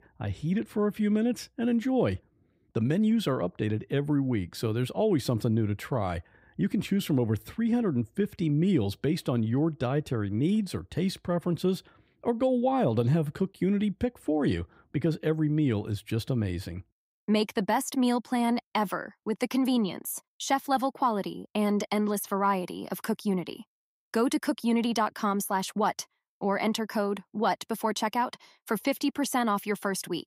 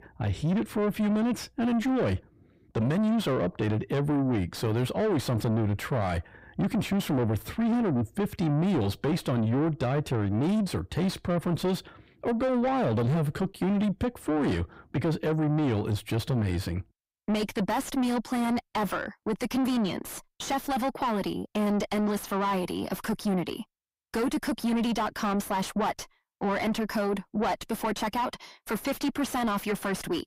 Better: first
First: none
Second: distortion; heavy; 7 dB below the speech

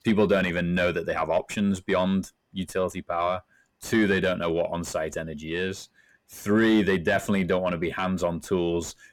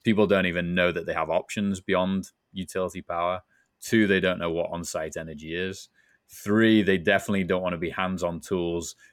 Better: second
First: distortion; slight; 10 dB below the speech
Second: none

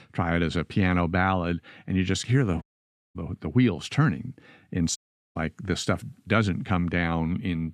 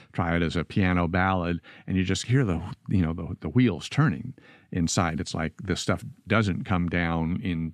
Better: second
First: audio cutting out; at 2.5 s for 0.5 s and at 5 s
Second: none

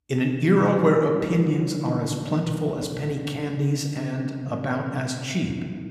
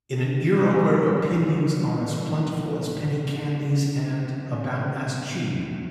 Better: first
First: room echo; slight; dies away in 1.9 s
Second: room echo; strong; dies away in 3 s // off-mic speech; far

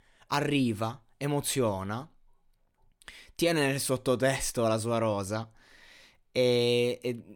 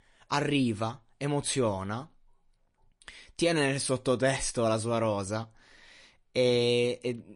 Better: first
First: none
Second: garbled, watery; slightly; nothing above 10.5 kHz

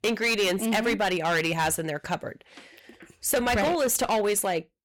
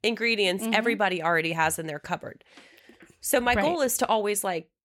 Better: second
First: distortion; heavy; 11% of the sound clipped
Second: none

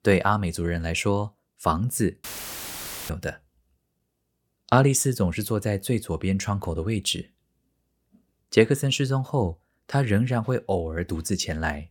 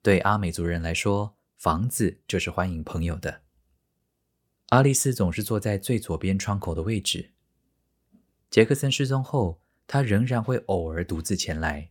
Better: second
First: audio cutting out; filled with static; at 2 s for 1 s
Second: none

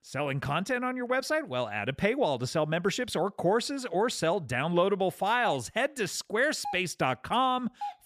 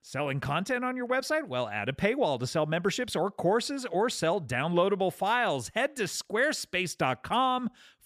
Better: second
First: doorbell; faint; from 5.5 s on; peak 10 dB below the speech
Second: none

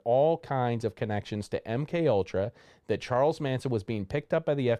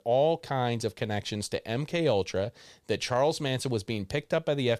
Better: second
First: muffled; slightly; fading above 2.5 kHz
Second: none

